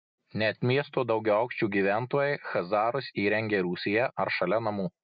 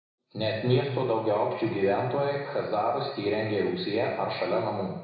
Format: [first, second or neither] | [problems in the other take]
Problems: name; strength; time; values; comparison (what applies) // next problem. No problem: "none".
first | room echo; dies away in 1 s